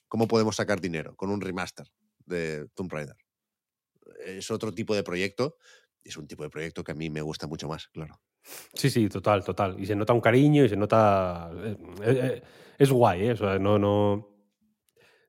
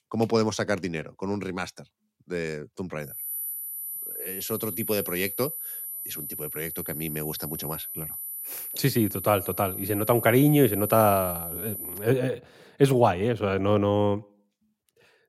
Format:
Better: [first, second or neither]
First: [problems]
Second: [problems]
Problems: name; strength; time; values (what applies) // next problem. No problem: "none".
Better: first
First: none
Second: high-pitched whine; loud; from 3 to 12 s; 12 kHz, 6 dB below the speech